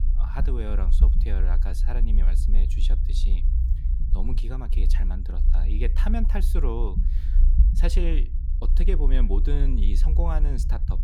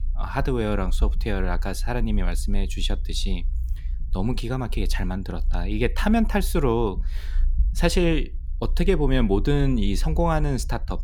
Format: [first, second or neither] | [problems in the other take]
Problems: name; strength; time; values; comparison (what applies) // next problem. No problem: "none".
second | low rumble; loud; throughout; 8 dB below the speech; faint in the second